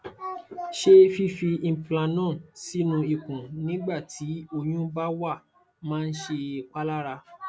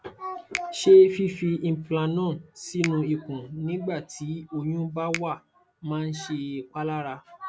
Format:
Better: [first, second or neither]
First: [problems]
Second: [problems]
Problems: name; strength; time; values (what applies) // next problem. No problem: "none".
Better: first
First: none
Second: background sound (Finger snapping); 18 dB below the speech